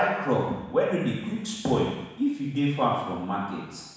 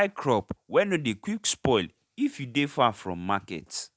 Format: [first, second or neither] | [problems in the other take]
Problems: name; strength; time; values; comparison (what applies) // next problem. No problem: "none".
second | room echo; dies away in 1.1 s